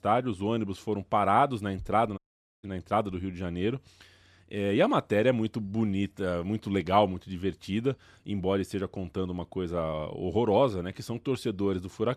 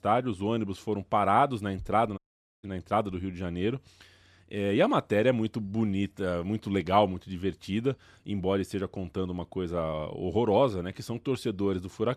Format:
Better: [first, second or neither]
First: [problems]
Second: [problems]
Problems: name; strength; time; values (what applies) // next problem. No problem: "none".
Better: neither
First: audio cutting out; at 2 s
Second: audio cutting out; at 2 s